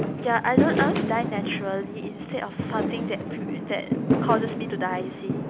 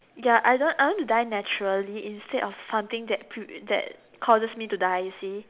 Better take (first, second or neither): second